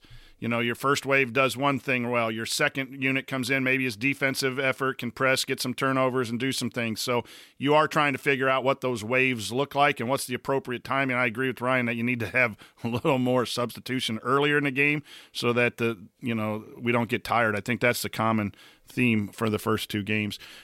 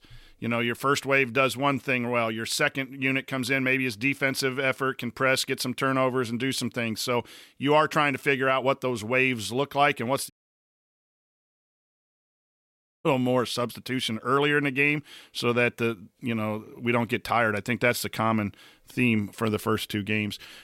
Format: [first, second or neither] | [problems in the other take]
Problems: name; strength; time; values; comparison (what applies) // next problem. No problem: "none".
first | audio cutting out; at 10 s for 2.5 s